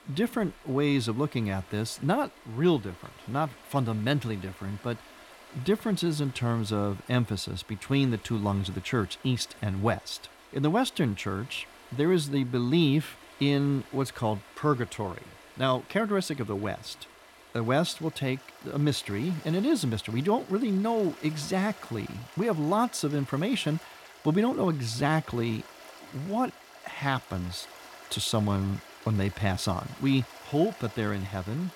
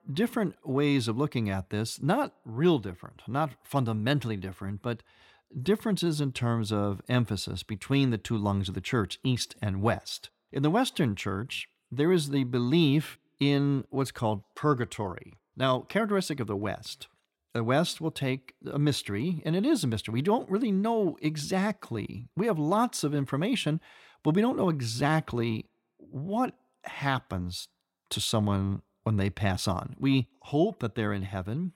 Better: second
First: rain or running water; noticeable; throughout; 20 dB below the speech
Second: none

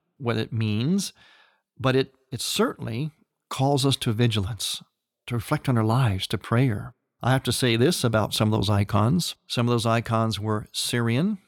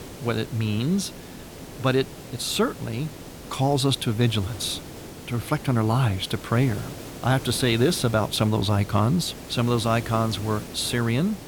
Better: first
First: none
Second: hiss; noticeable; throughout; 15 dB below the speech

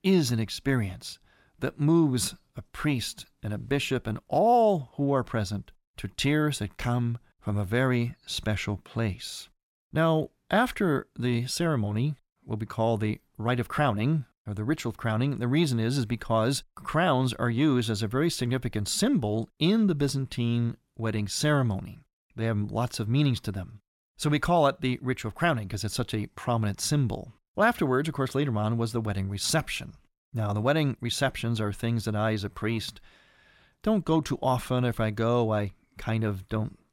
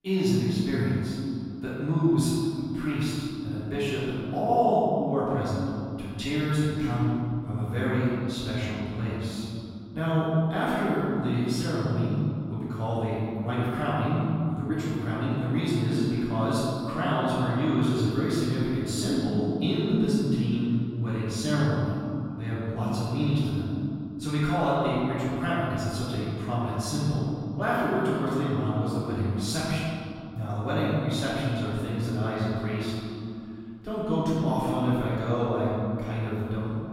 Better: first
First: none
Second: room echo; strong; dies away in 2.7 s // off-mic speech; far

